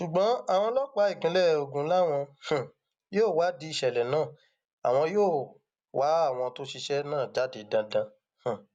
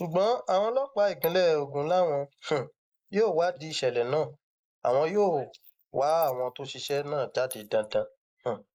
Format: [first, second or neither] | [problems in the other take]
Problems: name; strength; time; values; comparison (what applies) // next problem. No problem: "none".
first | noise reduction (neural mask model Resemble Enhance denoiser)